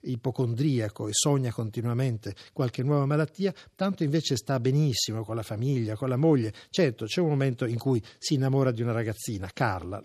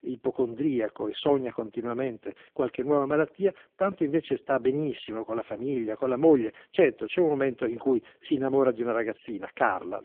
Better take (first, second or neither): first